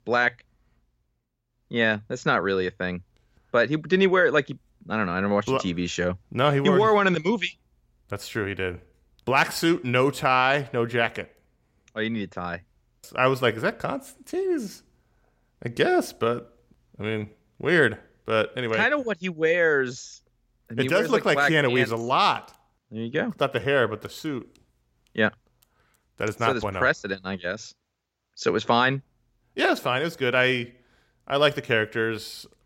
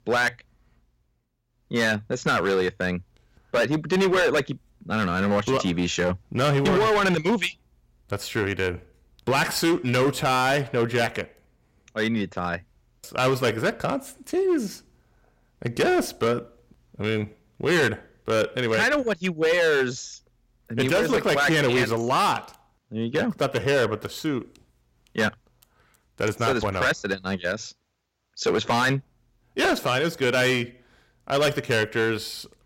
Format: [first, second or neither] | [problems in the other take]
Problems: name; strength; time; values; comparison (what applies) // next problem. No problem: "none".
first | distortion; heavy; 9% of the sound clipped